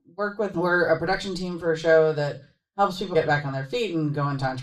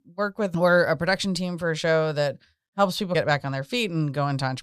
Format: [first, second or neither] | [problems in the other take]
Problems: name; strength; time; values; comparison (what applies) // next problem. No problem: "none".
second | room echo; slight; dies away in 0.3 s // off-mic speech; far